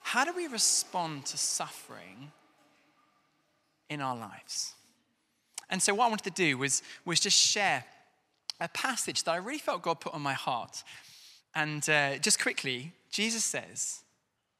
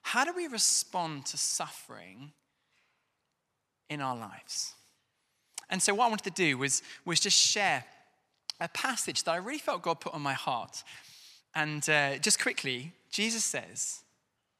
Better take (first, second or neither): second